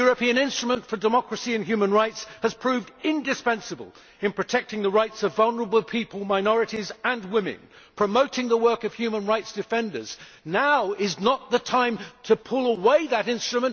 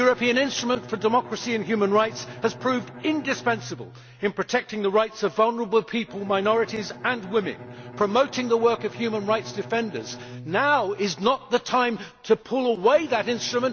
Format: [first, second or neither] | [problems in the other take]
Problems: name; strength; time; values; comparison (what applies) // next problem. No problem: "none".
first | background sound (Bowed string instrument); 18 dB below the speech